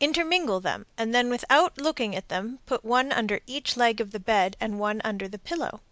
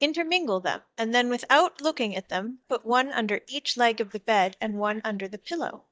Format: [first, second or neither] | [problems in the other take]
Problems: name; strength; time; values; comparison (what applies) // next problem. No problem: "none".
first | noise reduction (neural mask model DeepFilterNet 3)